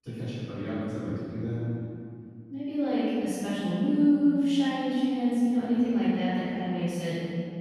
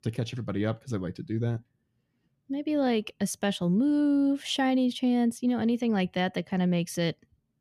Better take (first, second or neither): second